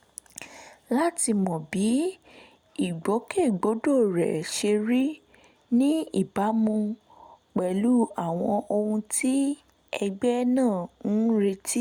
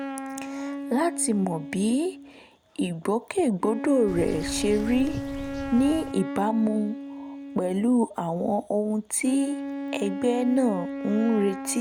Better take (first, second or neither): first